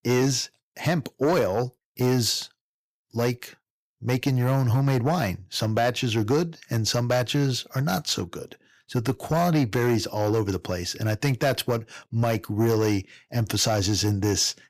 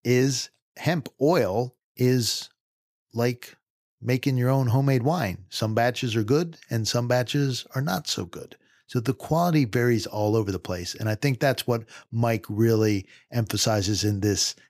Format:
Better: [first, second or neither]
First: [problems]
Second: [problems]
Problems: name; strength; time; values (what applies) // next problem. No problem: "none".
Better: second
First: distortion; slight; 10 dB below the speech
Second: none